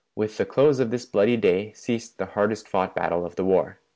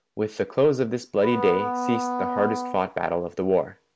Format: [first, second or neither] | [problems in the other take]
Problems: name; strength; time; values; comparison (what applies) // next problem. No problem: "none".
first | background sound (Wind instrument, woodwind instrument); 5 dB below the speech